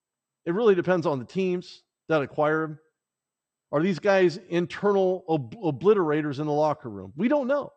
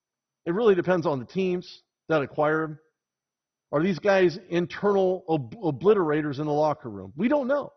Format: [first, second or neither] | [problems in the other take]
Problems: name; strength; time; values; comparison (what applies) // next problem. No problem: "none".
first | garbled, watery; badly; nothing above 6 kHz; slightly in the first